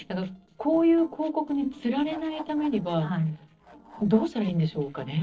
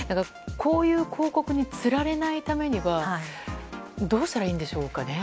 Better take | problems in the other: second | noise reduction (neural separator model SepFormer DNS4)

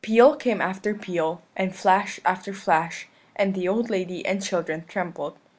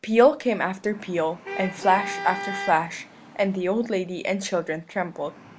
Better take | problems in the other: first | background sound (Traffic noise, roadway noise / Vehicle horn, car horn, honking); 13 dB below the speech

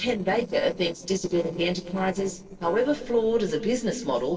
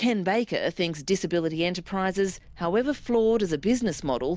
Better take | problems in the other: second | noise reduction (neural separator model SepFormer DNS4)

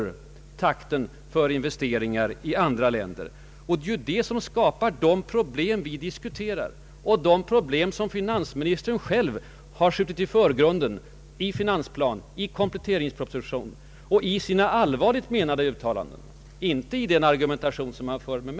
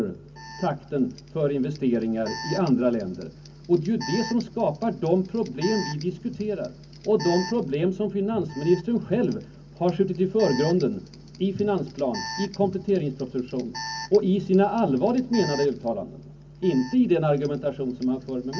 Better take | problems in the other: first | background sound (Alarm); 16 dB below the speech // room echo; dies away in 0.3 s

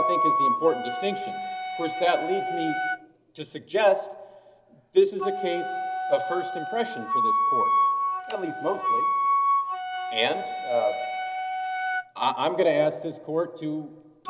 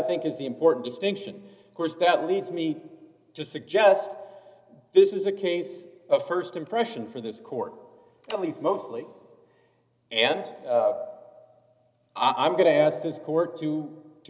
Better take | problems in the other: second | background sound (Wind instrument, woodwind instrument); as loud as the speech

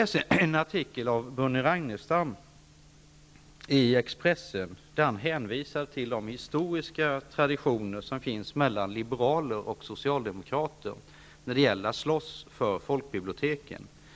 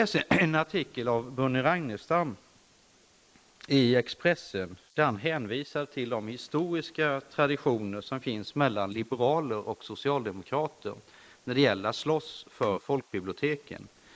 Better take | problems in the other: first | noise reduction (neural mask model Resemble Enhance denoiser)

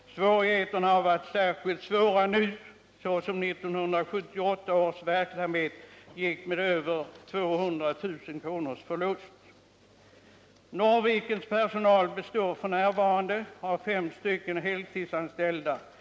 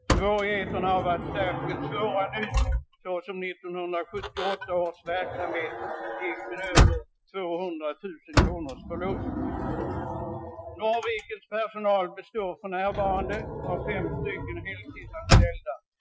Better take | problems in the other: first | noise reduction (classical method Wiener filter)

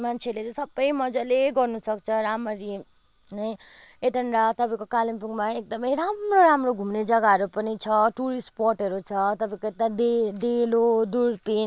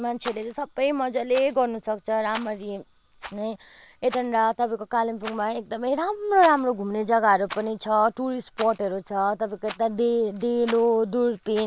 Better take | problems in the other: first | background sound (Rattle); 19 dB below the speech

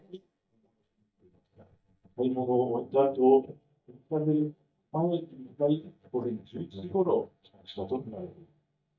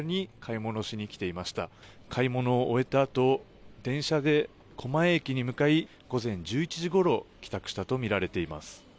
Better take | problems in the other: second | noise reduction (neural mask model DeepFilterNet 3)

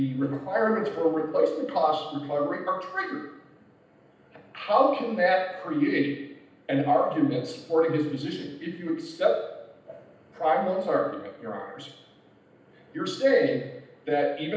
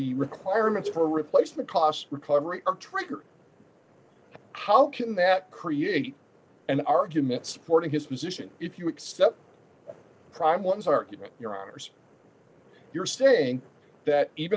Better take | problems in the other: second | room echo; dies away in 0.9 s

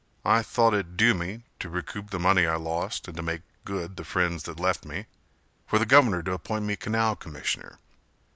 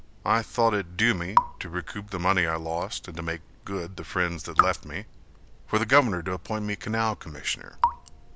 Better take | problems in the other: first | background sound (Raindrop / Drip); 5 dB below the speech

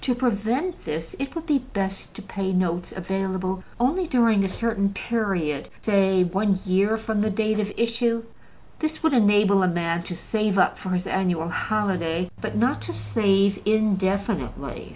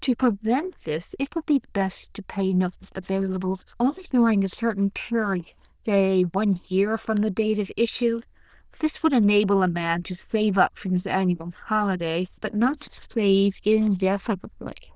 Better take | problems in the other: first | noise reduction (neural diffusion model UNIVERSE++)

